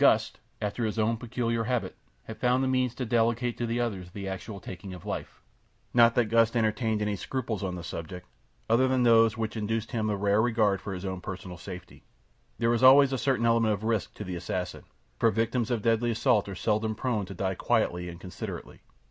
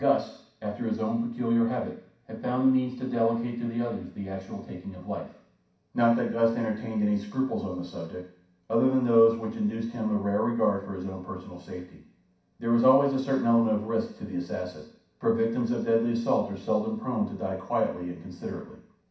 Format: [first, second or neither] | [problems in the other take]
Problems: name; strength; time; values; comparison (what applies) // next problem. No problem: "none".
first | room echo; dies away in 0.6 s